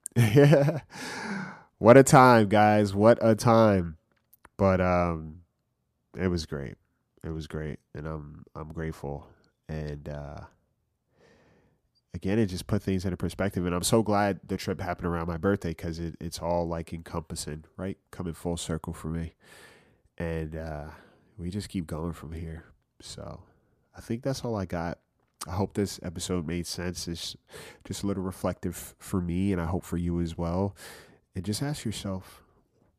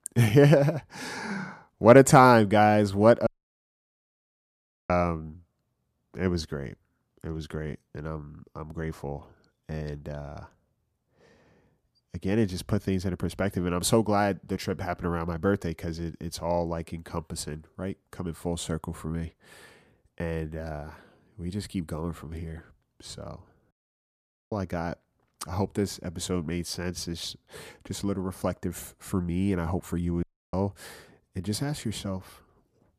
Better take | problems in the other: first | audio cutting out; at 3.5 s for 1.5 s, at 24 s for 1 s and at 30 s

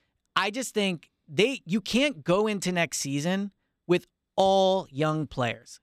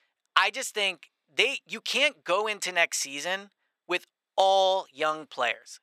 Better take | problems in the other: first | thin; very; fading below 700 Hz

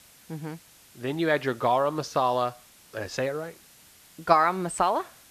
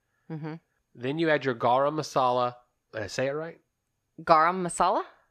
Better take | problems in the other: second | hiss; faint; throughout; 25 dB below the speech

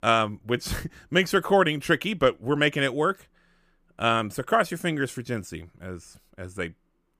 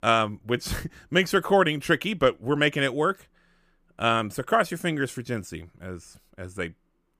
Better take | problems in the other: neither | none

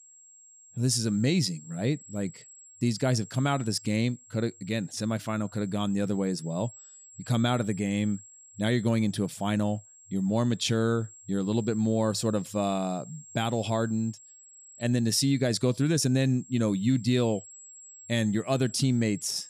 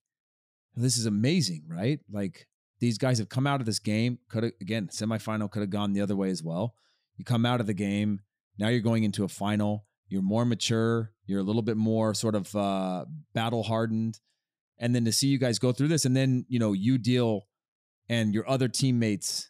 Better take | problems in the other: second | high-pitched whine; noticeable; throughout; 7.5 kHz, 20 dB below the speech

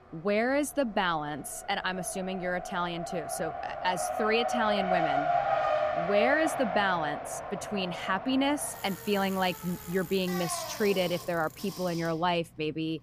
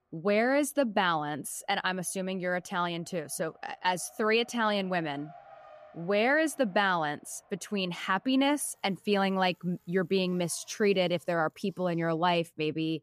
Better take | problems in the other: second | traffic noise; loud; throughout; 3 dB below the speech; faint in the second

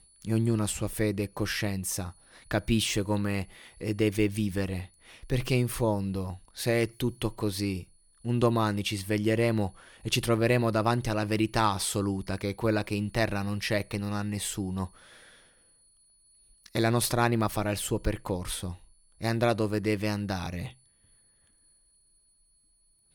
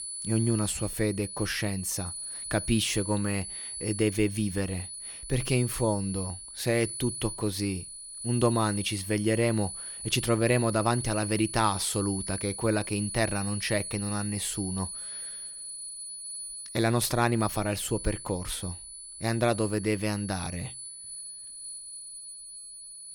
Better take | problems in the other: first | high-pitched whine; loud; throughout; 10 kHz, 7 dB below the speech; faint in the first

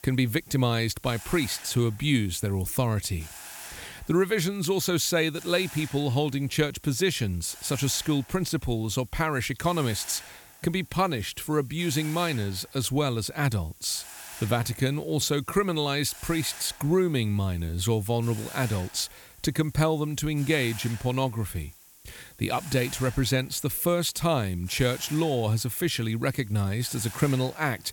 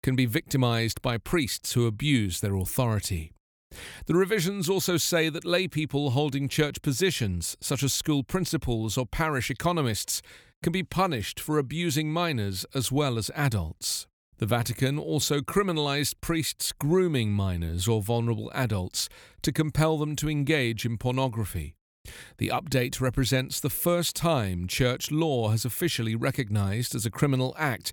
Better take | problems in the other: second | hiss; noticeable; throughout; 15 dB below the speech

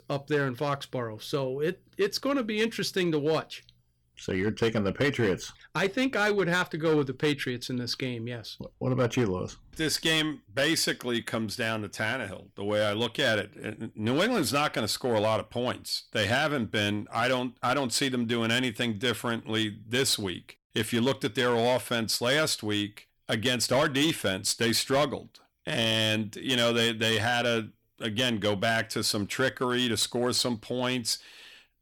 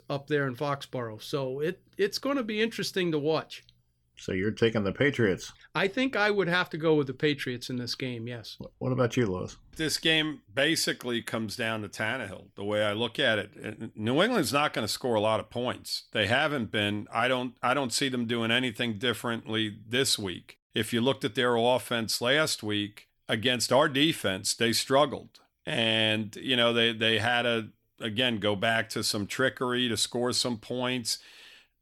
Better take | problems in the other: second | distortion; slight; 5% of the sound clipped

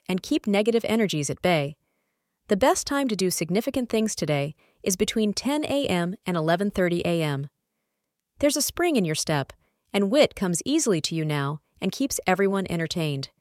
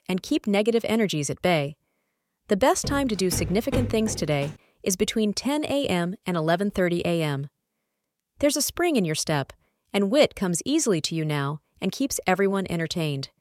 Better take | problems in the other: first | footsteps; noticeable; from 3 to 4.5 s; peak 4 dB below the speech

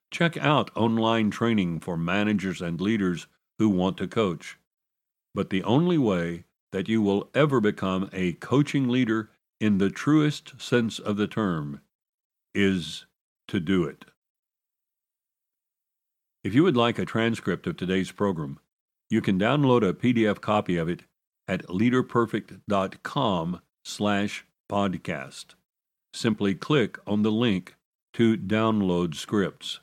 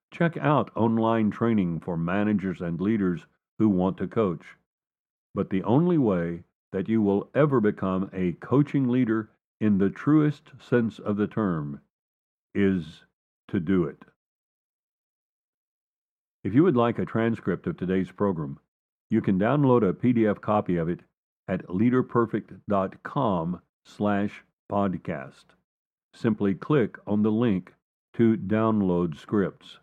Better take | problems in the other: first | muffled; very; fading above 2.5 kHz

